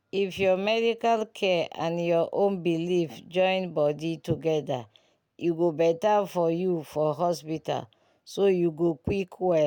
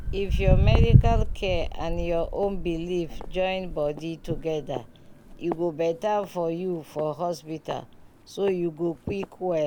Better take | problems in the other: first | background sound (Walk, footsteps); 1 dB above the speech

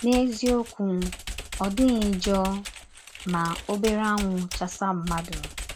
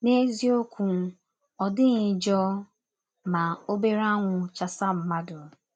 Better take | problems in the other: second | background sound (Computer keyboard); 10 dB below the speech

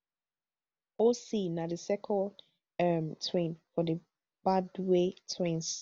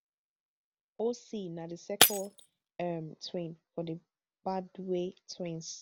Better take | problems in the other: first | background sound (Shatter); 4 dB above the speech

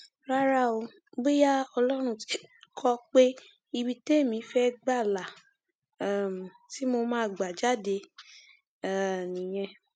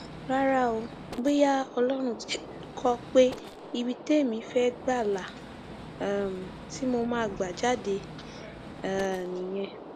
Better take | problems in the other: first | background sound (Gunshot, gunfire); 13 dB below the speech

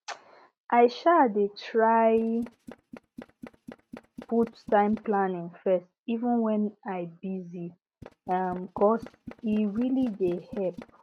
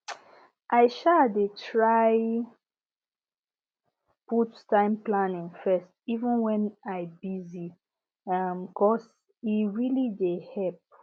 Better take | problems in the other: second | noise reduction (neural mask model RNNoise)

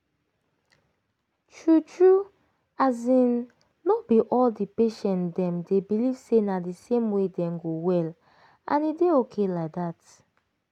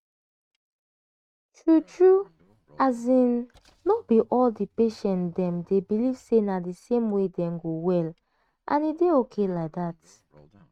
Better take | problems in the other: first | noise reduction (neural mask model RNNoise)

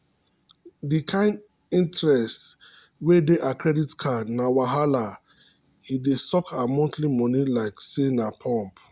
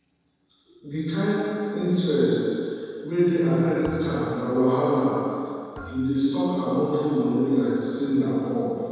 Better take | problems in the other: first | noise reduction (neural separator model SepFormer DNS4)

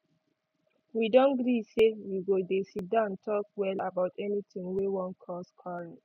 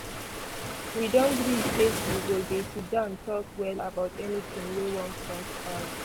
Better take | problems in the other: first | background sound (Waves, surf); 5 dB below the speech

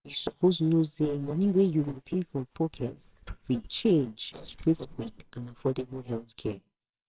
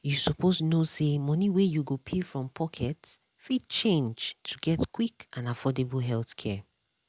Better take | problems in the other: second | noise reduction (neural separator model SepFormer WHAMR!)

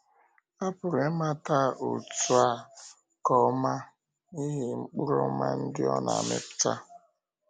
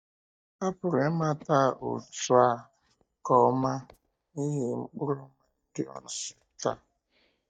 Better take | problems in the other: first | noise reduction (neural mask model DeepFilterNet 3)

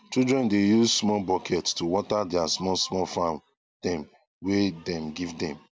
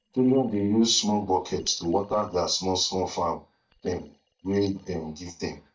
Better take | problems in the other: first | noise reduction (neural mask model DeepFilterNet 3)

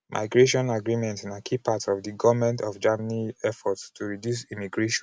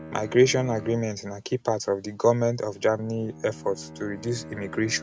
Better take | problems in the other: first | background sound (Bowed string instrument); 17 dB below the speech

